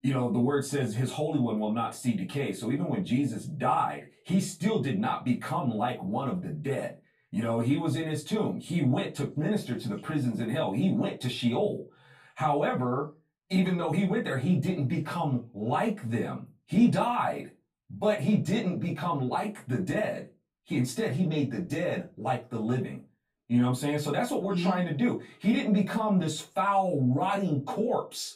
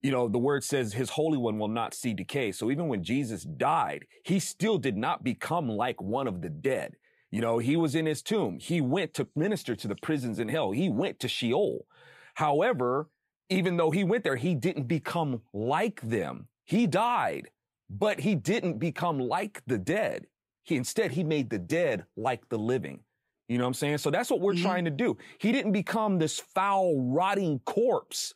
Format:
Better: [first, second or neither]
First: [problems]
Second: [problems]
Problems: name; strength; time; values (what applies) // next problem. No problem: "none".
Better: second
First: off-mic speech; far // room echo; very slight; dies away in 0.2 s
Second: none